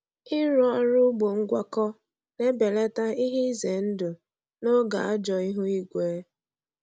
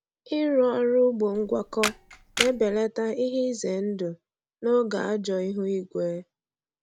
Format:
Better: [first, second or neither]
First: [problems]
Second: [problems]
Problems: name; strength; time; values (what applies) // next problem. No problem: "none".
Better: first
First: none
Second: background sound (Camera); 6 dB below the speech